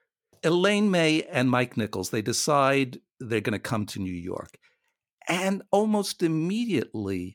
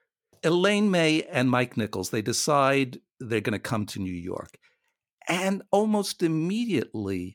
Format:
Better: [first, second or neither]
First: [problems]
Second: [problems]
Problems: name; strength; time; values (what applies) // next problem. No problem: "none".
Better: neither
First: none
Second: none